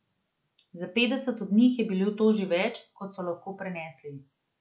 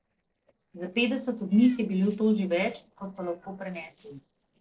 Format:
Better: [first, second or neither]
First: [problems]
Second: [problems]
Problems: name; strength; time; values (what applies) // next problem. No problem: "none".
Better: first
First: none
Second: noise reduction (neural separator model SepFormer DNS4)